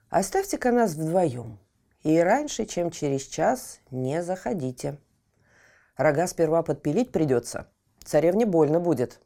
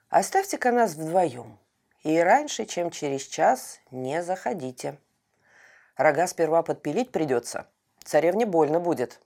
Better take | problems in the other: first | thin; very slightly; fading below 600 Hz

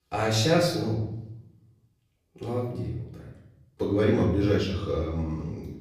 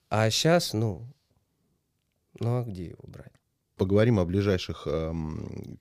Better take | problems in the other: second | off-mic speech; far // room echo; noticeable; dies away in 0.7 s

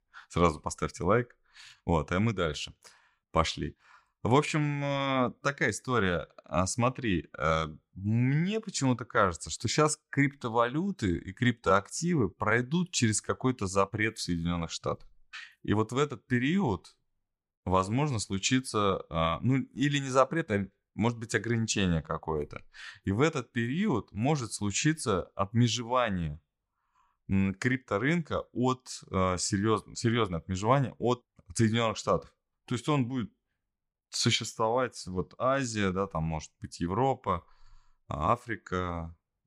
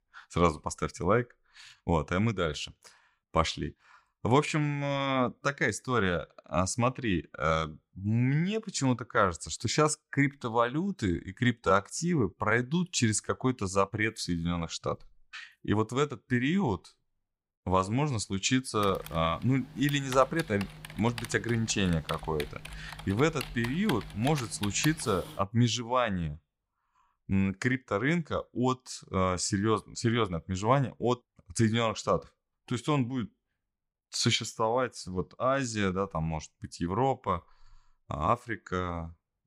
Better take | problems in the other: first | keyboard typing; noticeable; from 19 to 25 s; peak 8 dB below the speech

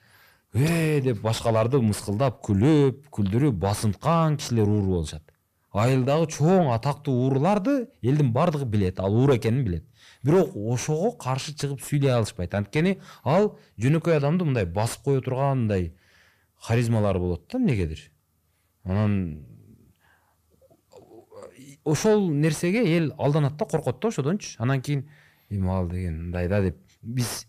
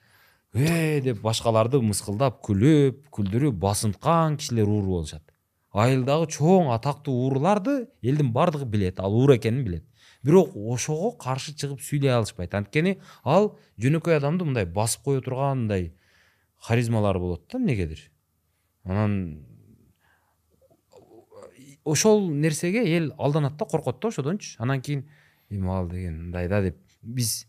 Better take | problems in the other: second | distortion; slight; 10 dB below the speech

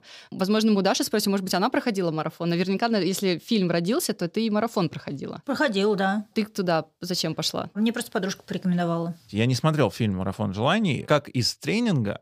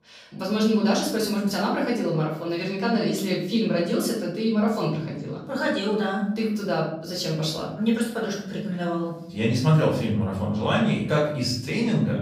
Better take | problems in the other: first | off-mic speech; far // room echo; noticeable; dies away in 0.6 s

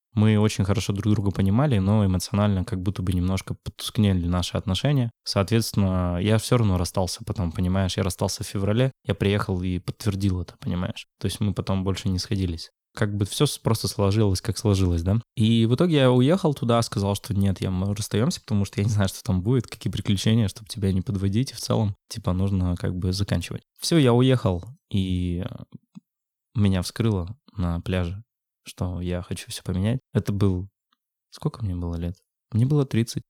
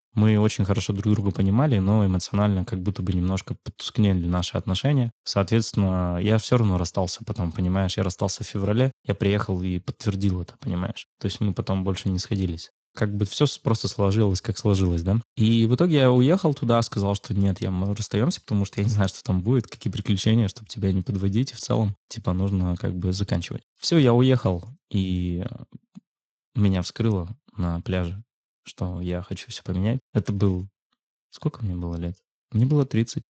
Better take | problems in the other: first | garbled, watery; slightly; nothing above 7.5 kHz

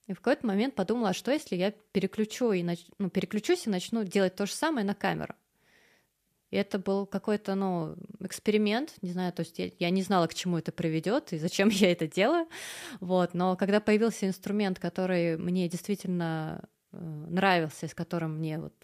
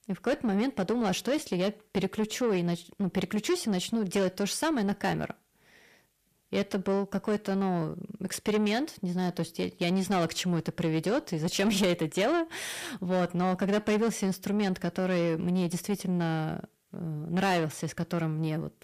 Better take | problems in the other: first | distortion; slight; 10 dB below the speech

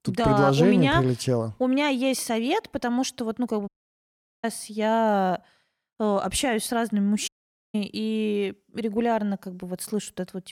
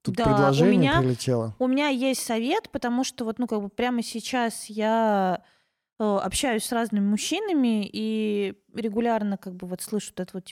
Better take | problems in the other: second | audio cutting out; at 3.5 s for 0.5 s and at 7.5 s

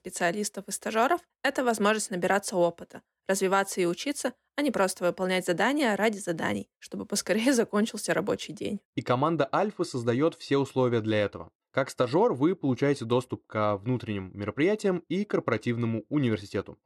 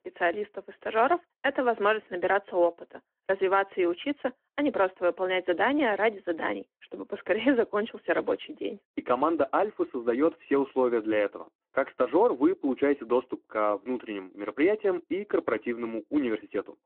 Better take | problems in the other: first | phone-call audio

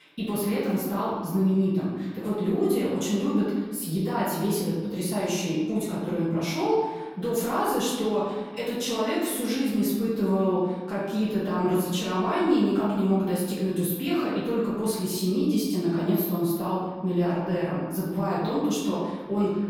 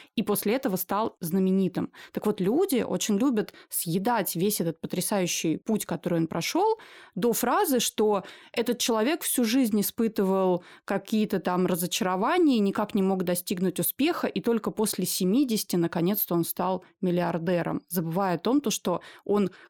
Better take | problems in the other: second | off-mic speech; far // room echo; noticeable; dies away in 1.3 s

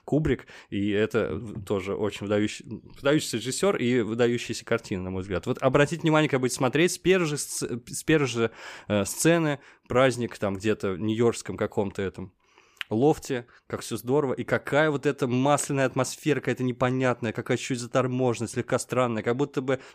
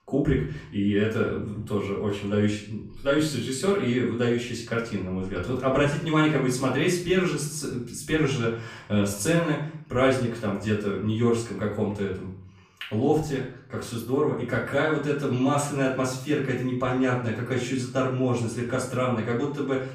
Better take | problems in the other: first | off-mic speech; far // room echo; slight; dies away in 0.5 s

